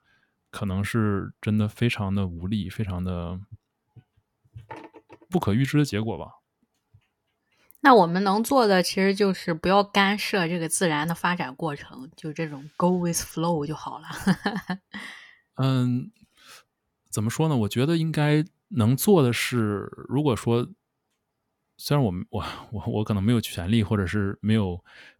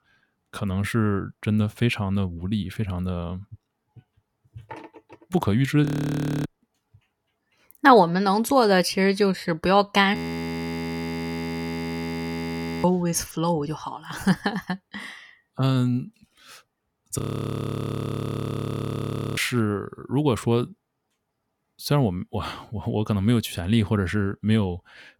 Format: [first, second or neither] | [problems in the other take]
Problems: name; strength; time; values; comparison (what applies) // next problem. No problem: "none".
first | audio freezing; at 6 s for 0.5 s, at 10 s for 2.5 s and at 17 s for 2 s